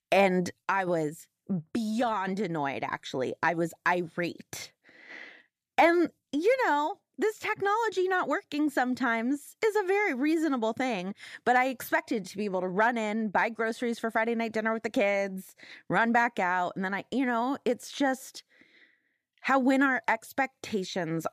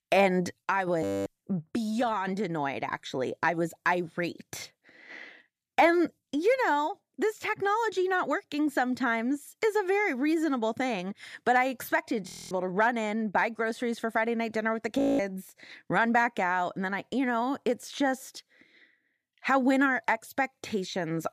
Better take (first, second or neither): first